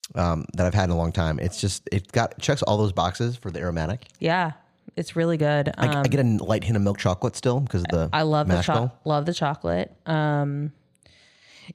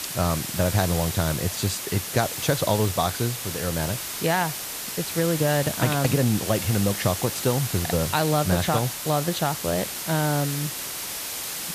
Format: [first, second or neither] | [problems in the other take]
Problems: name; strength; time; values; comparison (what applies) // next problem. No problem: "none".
first | hiss; loud; throughout; 4 dB below the speech